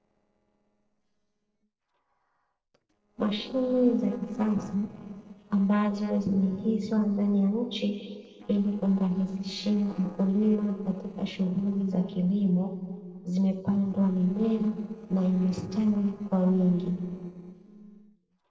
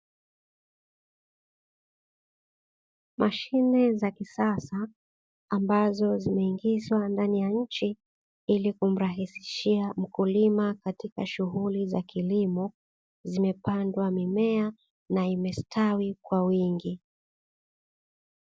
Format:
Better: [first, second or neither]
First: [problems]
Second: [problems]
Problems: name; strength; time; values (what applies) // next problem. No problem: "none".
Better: second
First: noise reduction (neural separator model SepFormer DNS4)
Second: none